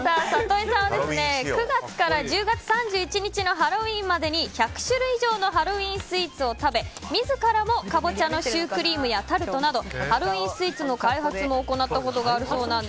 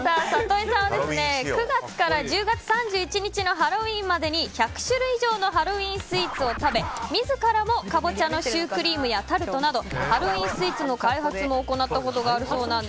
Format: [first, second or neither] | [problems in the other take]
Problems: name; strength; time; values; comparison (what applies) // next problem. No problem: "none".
first | background sound (Scratching (performance technique)); 11 dB below the speech